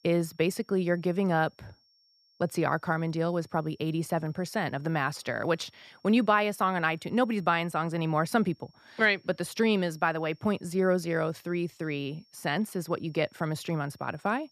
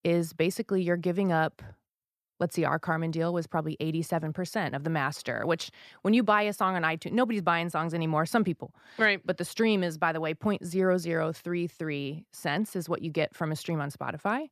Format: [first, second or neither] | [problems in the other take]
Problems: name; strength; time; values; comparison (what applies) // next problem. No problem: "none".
second | high-pitched whine; faint; throughout; 5.5 kHz, 35 dB below the speech